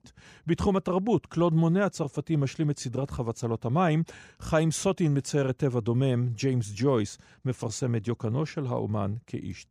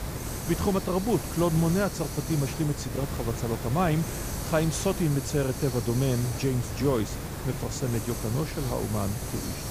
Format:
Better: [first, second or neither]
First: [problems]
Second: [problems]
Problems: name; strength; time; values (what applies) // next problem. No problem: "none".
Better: first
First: none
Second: hiss; loud; throughout; 6 dB below the speech